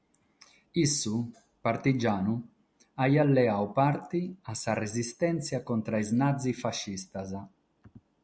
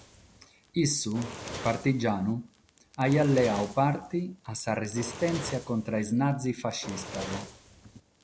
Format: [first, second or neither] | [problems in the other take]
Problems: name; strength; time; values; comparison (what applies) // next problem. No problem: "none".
first | background sound (Fire); 14 dB below the speech